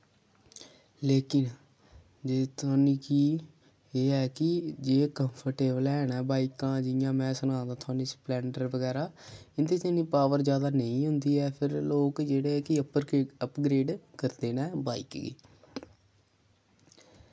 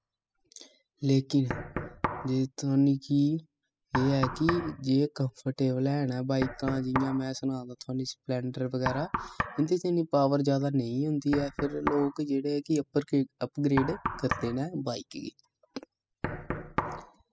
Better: first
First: none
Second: noise reduction (classical method spectral subtraction)

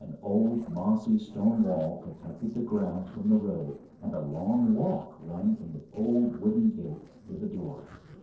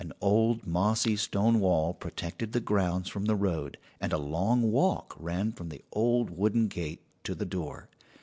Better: second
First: noise reduction (neural separator model SepFormer DNS4)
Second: none

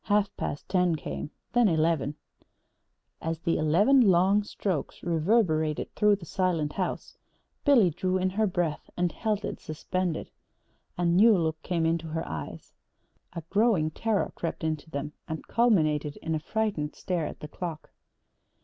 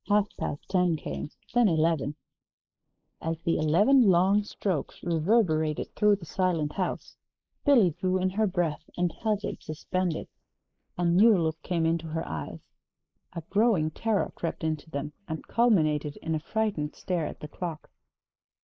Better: first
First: none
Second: noise reduction (neural mask model Resemble Enhance denoiser)

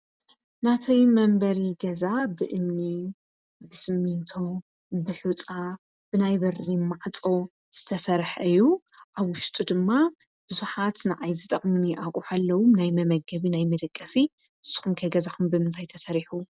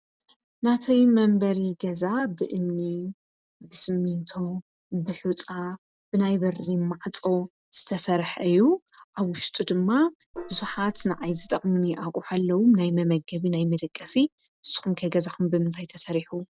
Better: first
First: none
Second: noise reduction (neural separator model SepFormer DNS4)

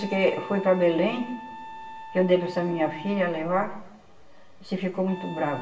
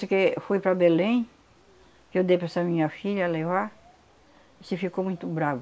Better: second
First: background sound (Wind instrument, woodwind instrument); 15 dB below the speech // room echo; dies away in 0.7 s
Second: none

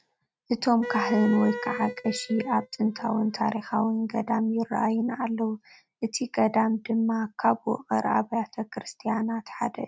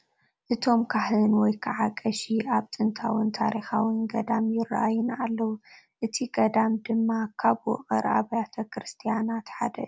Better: second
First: noise reduction (neural mask model RNNoise)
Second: none

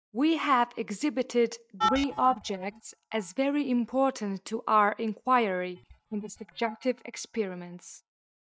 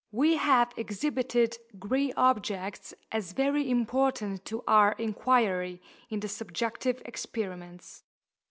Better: second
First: noise reduction (neural mask model DeepFilterNet 3)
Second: none

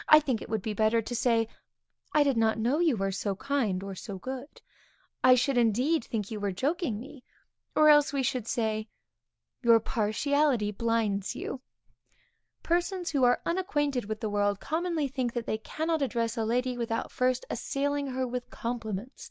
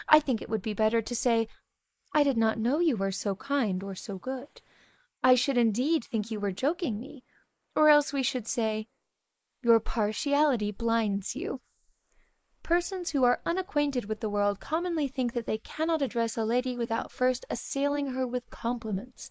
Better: first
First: none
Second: noise reduction (neural mask model Resemble Enhance denoiser)

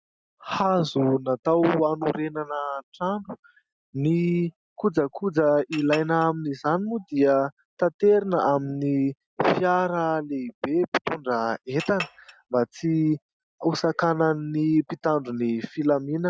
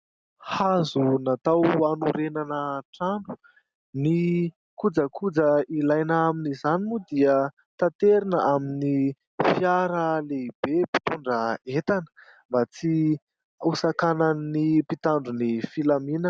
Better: second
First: noise reduction (classical method Wiener filter)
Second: none

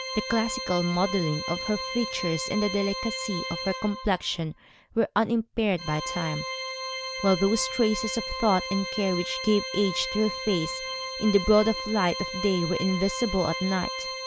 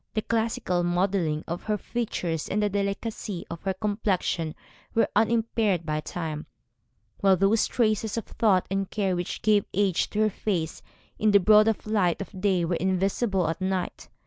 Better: second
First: background sound (Organ); 7 dB below the speech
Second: none

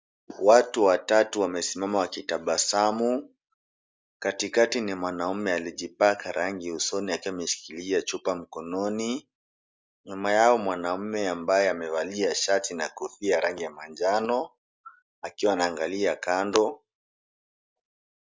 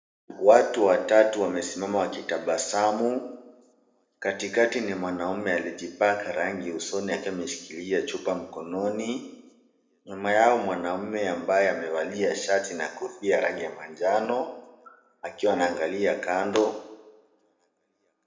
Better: first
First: none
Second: room echo; dies away in 0.9 s

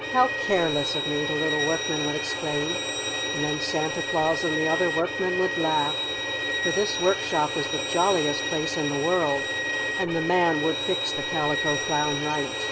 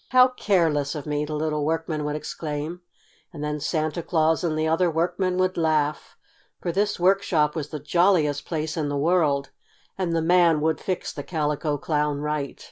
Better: second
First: background sound (Bowed string instrument); 1 dB below the speech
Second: none

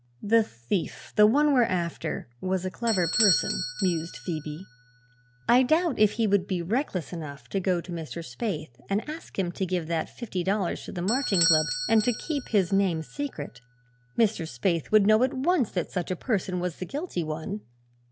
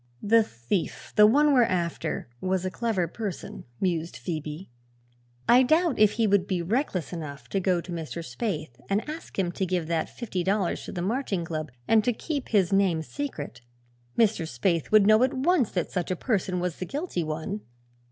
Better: second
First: background sound (Bell / Doorbell); 10 dB below the speech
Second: none

